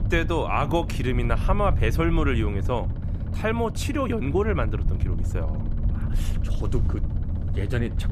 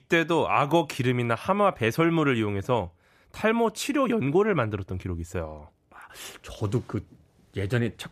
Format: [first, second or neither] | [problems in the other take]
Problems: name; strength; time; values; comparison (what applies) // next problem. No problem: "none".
second | low rumble; noticeable; throughout; 15 dB below the speech